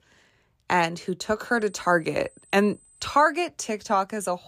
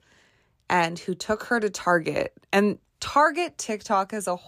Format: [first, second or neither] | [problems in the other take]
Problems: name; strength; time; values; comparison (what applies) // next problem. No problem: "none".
second | high-pitched whine; faint; from 1.5 to 3.5 s; 8 kHz, 30 dB below the speech